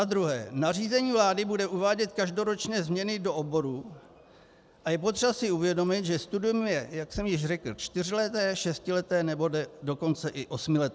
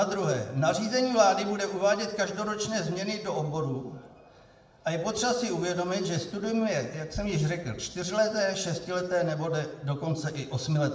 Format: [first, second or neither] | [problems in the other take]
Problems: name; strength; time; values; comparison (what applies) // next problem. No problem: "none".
first | room echo; dies away in 0.7 s